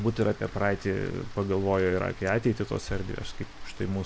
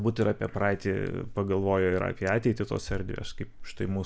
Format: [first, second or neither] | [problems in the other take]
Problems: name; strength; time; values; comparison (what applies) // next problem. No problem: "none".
second | background sound (Rain); 19 dB below the speech